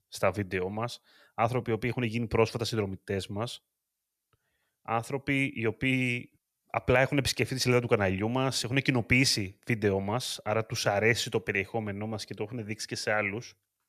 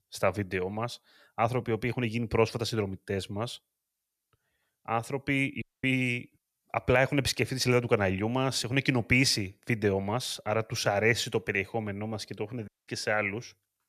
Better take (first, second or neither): first